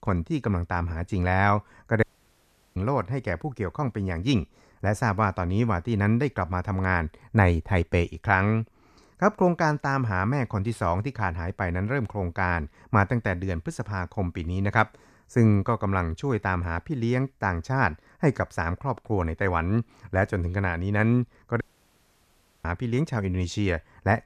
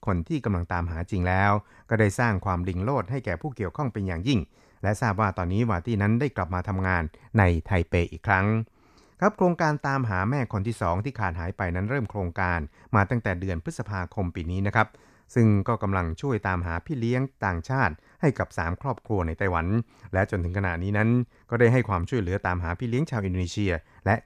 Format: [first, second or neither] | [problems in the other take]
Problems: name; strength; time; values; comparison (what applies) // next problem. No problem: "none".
second | audio cutting out; at 2 s for 0.5 s and at 22 s for 1 s